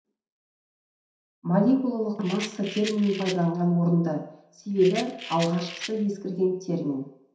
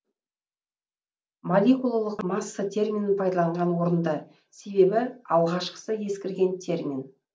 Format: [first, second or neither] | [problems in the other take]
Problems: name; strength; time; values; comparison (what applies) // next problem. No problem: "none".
second | background sound (Rattle); 13 dB below the speech // room echo; dies away in 0.7 s